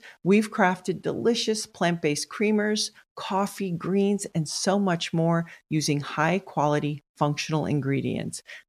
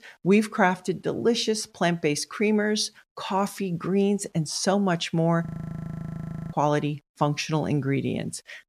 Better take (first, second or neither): first